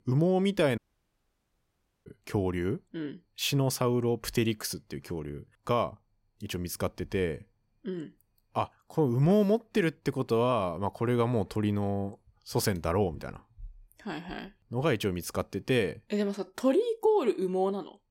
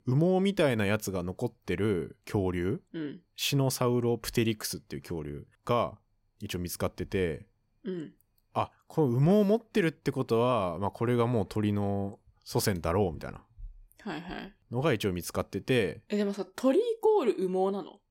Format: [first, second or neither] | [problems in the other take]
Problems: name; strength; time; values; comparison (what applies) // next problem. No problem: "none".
second | audio cutting out; at 1 s for 1.5 s